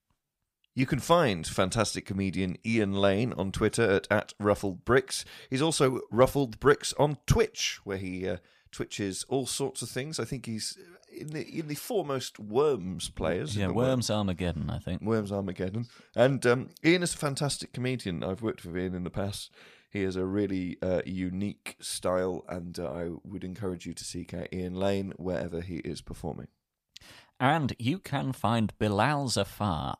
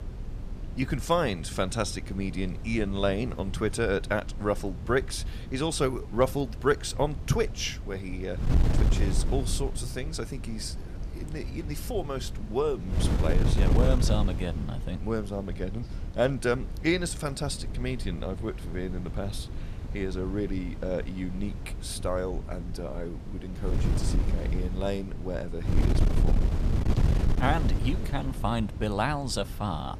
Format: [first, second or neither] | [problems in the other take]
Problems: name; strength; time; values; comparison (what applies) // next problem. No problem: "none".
first | wind noise on the microphone; occasional gusts; 10 dB below the speech